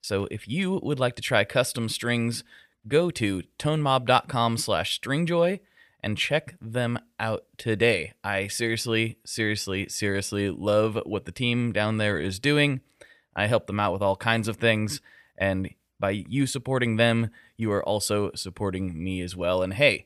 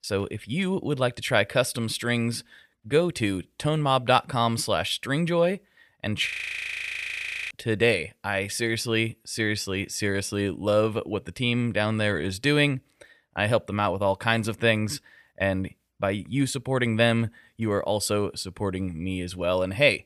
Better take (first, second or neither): first